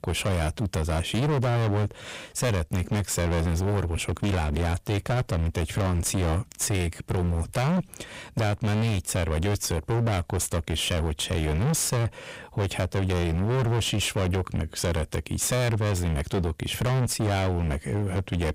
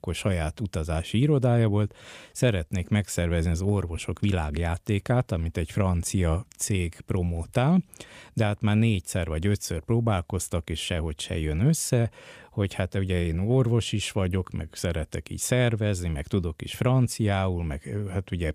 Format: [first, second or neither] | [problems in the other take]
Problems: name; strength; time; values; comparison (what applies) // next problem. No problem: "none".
second | distortion; heavy; 34% of the sound clipped